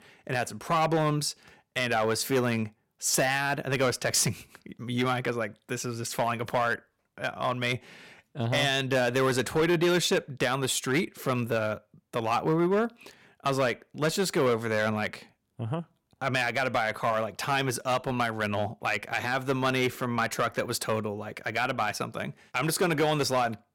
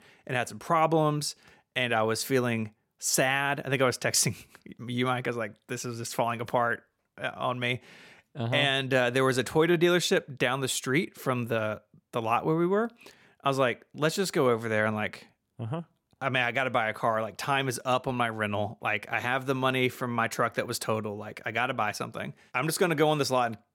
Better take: second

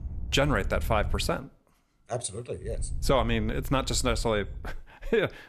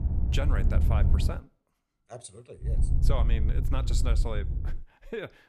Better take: first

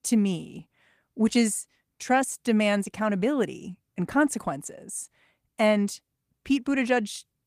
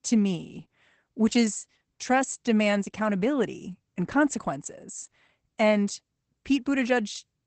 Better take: first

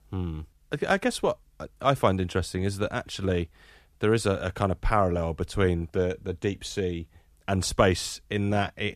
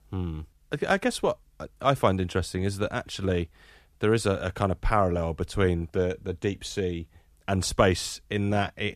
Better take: neither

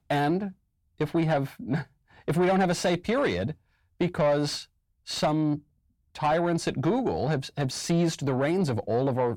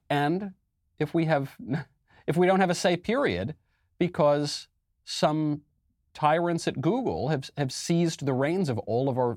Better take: second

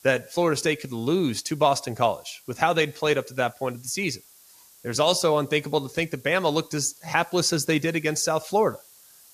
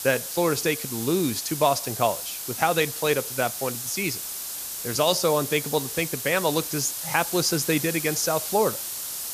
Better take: first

